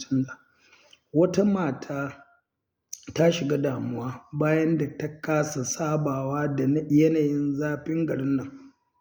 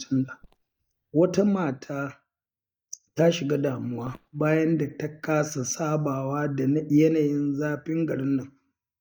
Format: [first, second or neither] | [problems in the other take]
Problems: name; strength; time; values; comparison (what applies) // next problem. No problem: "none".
first | noise reduction (neural mask model DeepFilterNet 3)